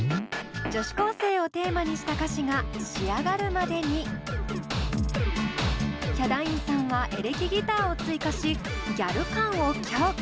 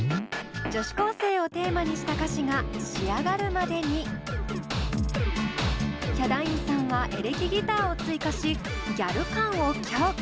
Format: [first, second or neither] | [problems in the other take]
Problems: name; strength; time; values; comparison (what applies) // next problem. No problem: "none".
first | background sound (Bowed string instrument); 14 dB below the speech